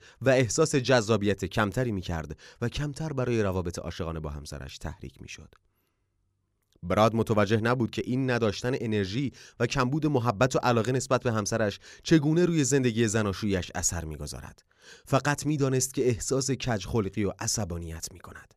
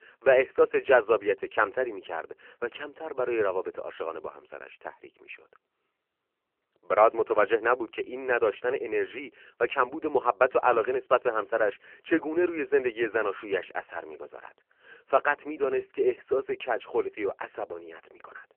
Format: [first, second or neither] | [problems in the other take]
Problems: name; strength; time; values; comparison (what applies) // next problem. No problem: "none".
first | phone-call audio; poor line